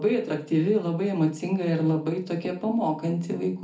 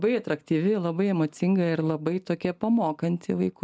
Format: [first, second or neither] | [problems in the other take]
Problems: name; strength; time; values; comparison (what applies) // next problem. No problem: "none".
second | room echo; dies away in 0.4 s